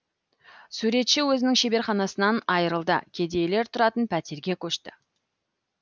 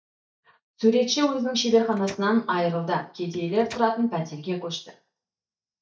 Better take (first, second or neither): first